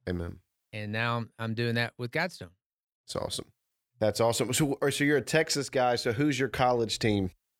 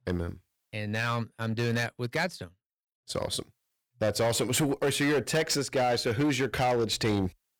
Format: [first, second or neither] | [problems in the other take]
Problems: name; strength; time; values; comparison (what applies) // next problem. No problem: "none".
first | distortion; slight; 11% of the sound clipped